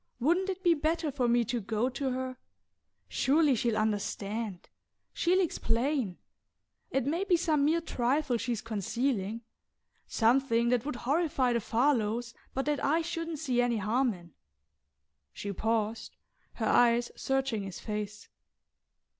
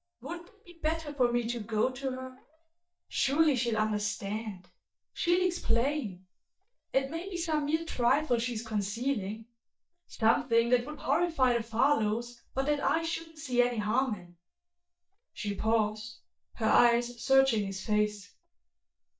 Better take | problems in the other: first | noise reduction (neural mask model DeepFilterNet 3)

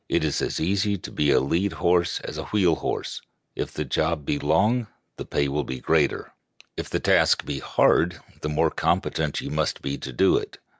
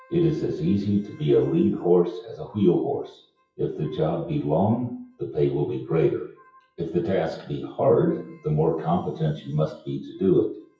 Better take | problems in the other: first | noise reduction (classical method WPE with log-MMSE)

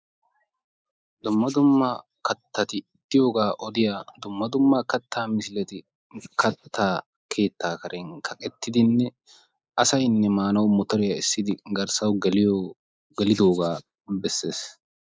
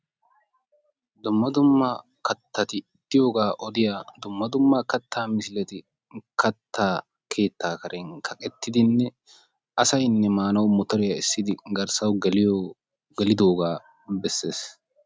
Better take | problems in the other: second | noise reduction (neural mask model Resemble Enhance denoiser)

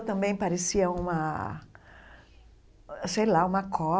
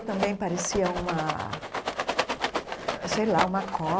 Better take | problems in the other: first | background sound (Rattle); 2 dB below the speech

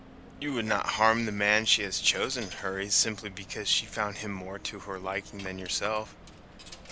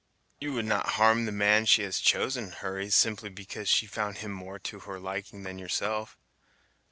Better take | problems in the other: second | background sound (Coin (dropping)); 17 dB below the speech

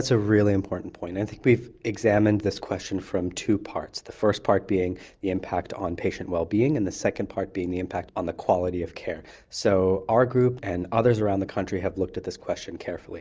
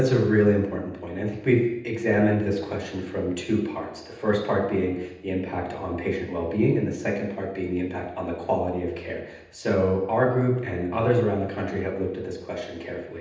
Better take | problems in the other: first | room echo; dies away in 0.9 s

